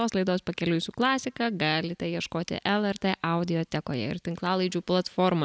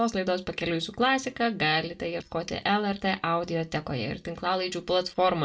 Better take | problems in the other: first | noise reduction (neural mask model DeepFilterNet 3)

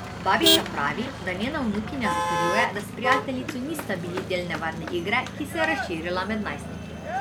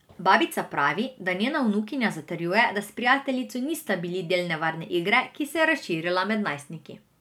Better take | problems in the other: second | background sound (Motor vehicle (road)); as loud as the speech

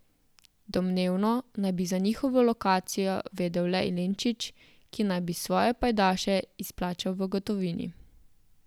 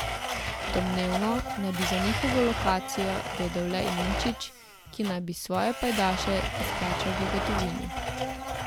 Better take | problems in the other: first | background sound (Domestic sounds, home sounds); 1 dB below the speech

